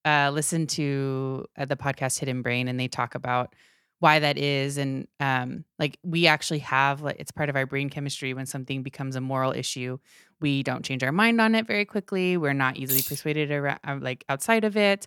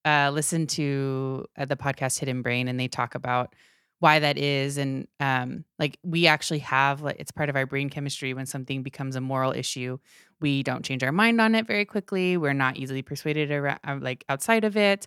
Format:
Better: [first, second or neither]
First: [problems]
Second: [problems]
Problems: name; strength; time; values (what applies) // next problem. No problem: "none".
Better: second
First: jangling keys; loud; at 13 s; peak 2 dB above the speech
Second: none